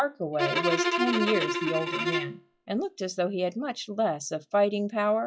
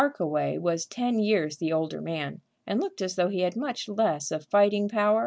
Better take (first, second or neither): second